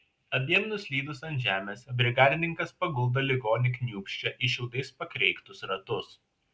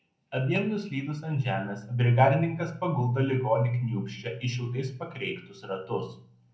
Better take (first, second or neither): first